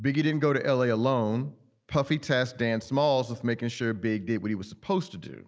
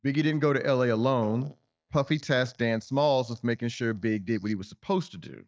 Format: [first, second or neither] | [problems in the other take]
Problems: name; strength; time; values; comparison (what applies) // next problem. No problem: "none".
first | noise reduction (neural mask model DeepFilterNet 3)